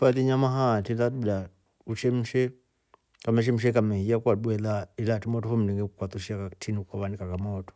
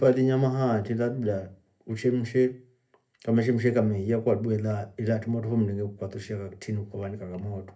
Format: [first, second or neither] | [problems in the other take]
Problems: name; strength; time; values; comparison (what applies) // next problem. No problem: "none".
first | room echo; dies away in 0.3 s